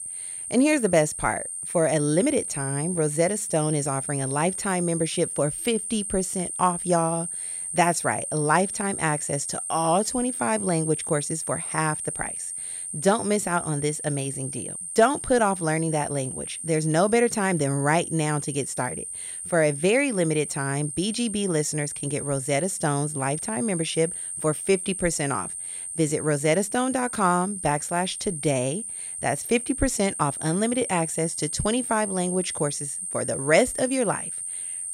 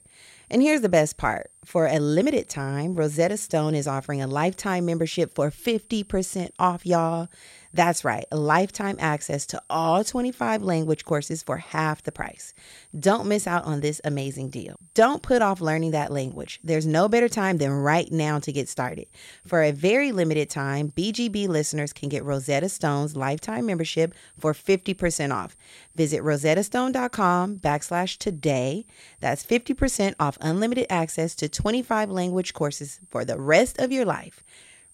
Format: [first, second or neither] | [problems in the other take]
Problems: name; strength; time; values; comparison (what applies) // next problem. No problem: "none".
second | high-pitched whine; loud; throughout; 8.5 kHz, 5 dB below the speech; faint in the second